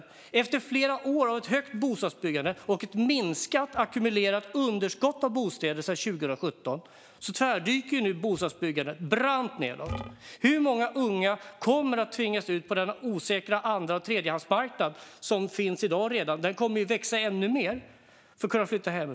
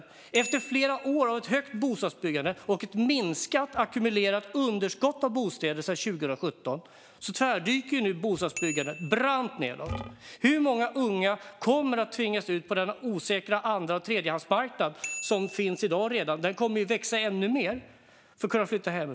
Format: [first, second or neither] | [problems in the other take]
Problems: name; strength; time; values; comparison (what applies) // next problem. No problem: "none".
first | background sound (Bicycle bell); 17 dB below the speech